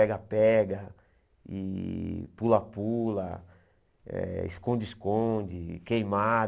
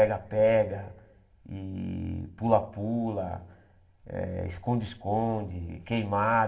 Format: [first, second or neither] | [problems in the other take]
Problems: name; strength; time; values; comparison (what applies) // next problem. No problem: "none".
first | room echo; dies away in 0.8 s